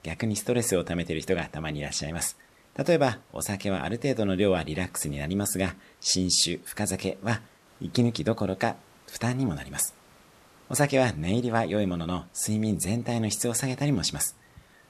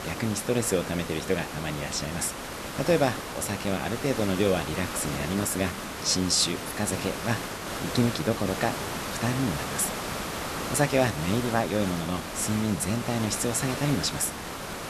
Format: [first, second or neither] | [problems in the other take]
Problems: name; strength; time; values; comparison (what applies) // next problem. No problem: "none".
first | hiss; loud; throughout; 6 dB below the speech; faint in the first